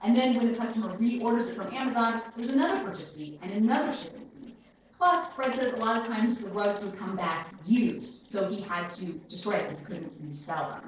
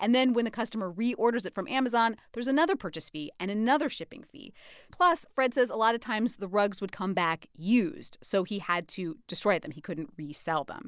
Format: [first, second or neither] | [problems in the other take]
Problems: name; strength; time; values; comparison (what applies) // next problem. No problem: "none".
second | noise reduction (neural separator model SepFormer DNS4)